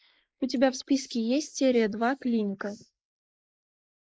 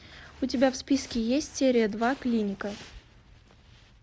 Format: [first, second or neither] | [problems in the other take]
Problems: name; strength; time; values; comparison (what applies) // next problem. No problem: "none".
second | noise reduction (neural mask model Resemble Enhance denoiser)